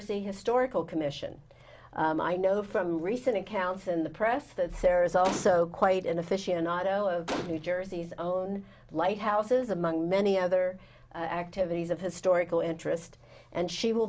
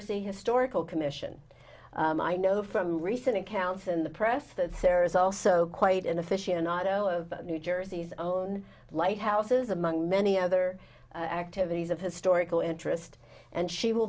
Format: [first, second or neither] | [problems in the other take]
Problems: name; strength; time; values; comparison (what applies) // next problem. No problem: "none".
second | background sound (Gunshot, gunfire); 11 dB below the speech